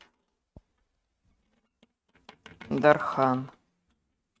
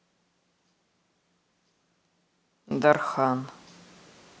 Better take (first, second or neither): second